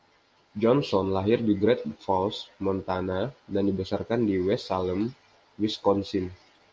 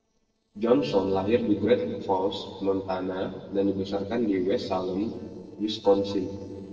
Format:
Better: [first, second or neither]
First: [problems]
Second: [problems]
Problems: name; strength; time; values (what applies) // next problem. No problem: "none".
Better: first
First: none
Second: noise reduction (neural separator model SepFormer DNS4)